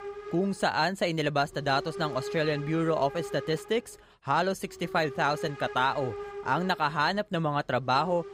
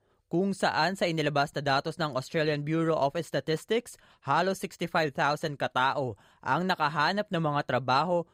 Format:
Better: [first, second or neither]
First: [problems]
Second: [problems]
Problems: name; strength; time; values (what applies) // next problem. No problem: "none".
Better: second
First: hiss; noticeable; throughout; 15 dB below the speech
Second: none